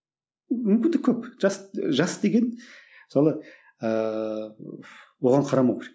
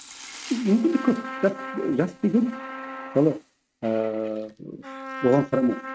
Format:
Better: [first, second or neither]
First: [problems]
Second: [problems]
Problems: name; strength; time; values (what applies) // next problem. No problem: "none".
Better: first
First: none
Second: noise reduction (neural mask model RNNoise)